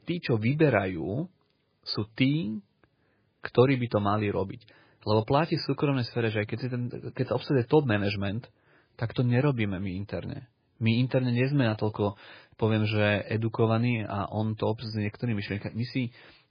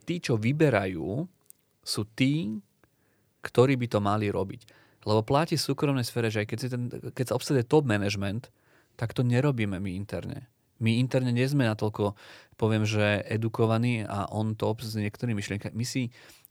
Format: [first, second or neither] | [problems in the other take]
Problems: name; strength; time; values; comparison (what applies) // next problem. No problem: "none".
second | garbled, watery; badly; nothing above 5 kHz